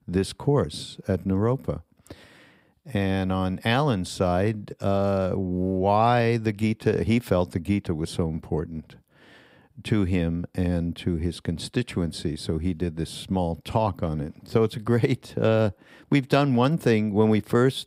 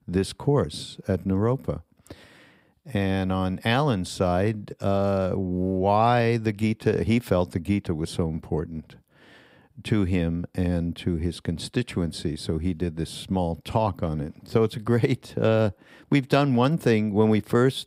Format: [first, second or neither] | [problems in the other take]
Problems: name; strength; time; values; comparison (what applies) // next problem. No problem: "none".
neither | none